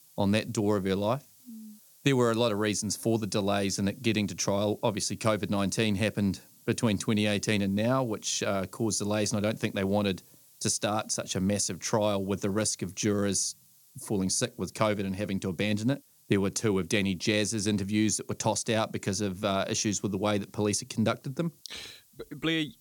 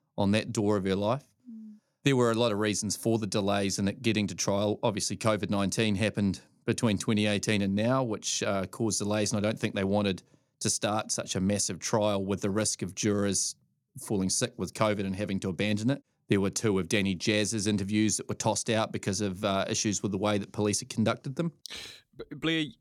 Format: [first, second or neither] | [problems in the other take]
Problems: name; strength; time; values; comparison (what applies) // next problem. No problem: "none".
second | hiss; faint; throughout; 25 dB below the speech